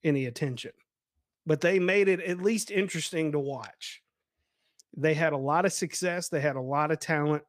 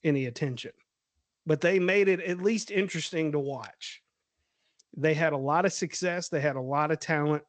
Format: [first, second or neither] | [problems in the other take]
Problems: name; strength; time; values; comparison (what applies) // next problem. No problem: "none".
first | garbled, watery; slightly; nothing above 7.5 kHz